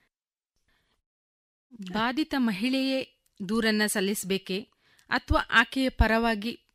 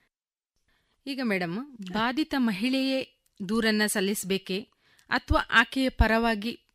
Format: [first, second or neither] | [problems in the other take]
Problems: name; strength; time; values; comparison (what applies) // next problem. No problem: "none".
second | audio cutting out; at 1 s for 0.5 s